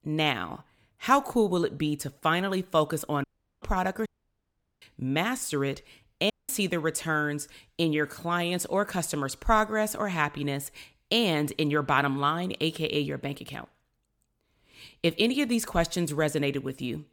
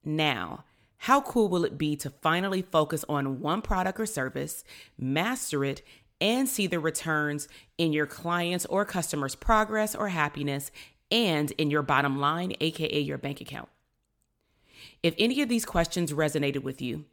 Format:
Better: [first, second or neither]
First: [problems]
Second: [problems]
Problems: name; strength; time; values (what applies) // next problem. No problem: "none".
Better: second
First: audio cutting out; at 3 s, at 4 s for 1 s and at 6.5 s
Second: none